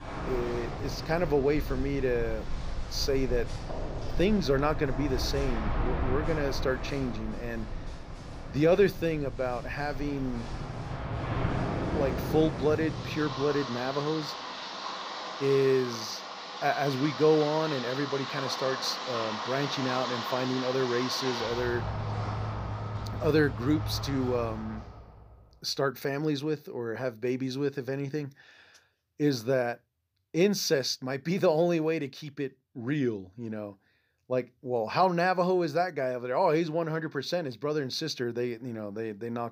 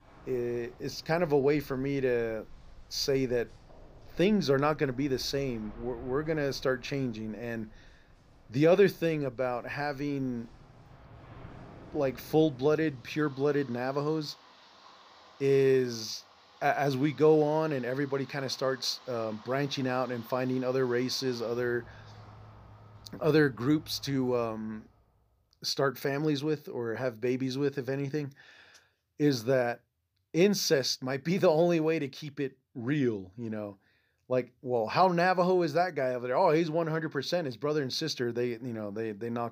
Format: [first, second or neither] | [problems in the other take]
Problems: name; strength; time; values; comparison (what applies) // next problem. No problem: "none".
second | rain or running water; loud; until 25 s; 6 dB below the speech; faint in the second